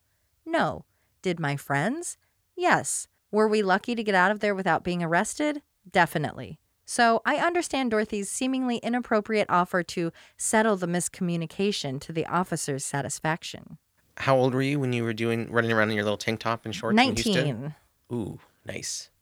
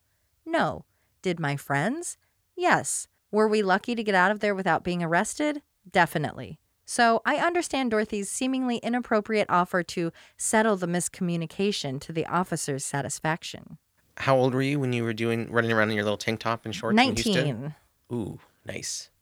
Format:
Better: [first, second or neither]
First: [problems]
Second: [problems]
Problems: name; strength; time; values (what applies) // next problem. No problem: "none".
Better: neither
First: none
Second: none